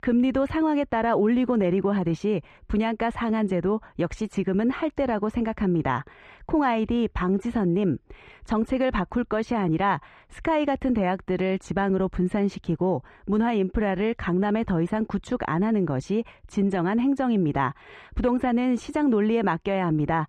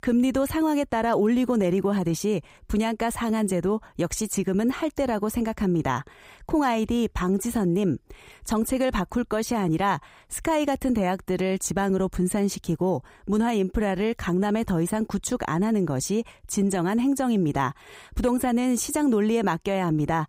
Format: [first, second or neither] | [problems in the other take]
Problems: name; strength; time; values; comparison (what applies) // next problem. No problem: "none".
second | muffled; very; fading above 2.5 kHz